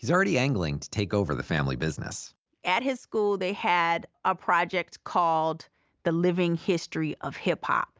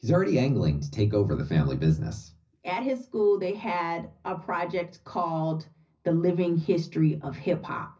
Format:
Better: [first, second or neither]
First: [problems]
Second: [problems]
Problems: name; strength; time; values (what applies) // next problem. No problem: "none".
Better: first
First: none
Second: room echo; dies away in 0.4 s